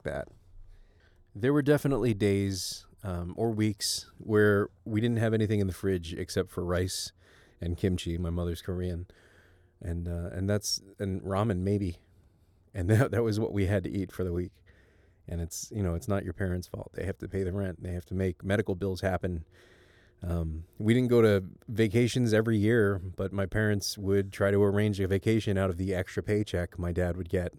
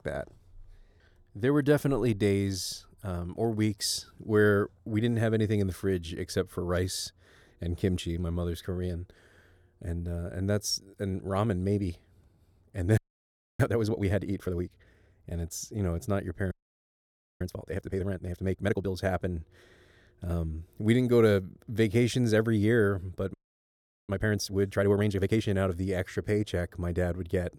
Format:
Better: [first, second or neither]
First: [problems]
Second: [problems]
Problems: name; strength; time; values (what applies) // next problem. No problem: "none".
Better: first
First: none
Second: audio freezing; at 13 s for 0.5 s, at 17 s for 1 s and at 23 s for 1 s